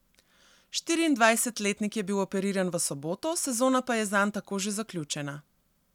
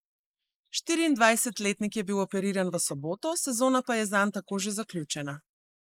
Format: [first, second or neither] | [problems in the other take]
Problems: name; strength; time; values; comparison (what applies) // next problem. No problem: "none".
first | noise reduction (neural mask model Resemble Enhance denoiser)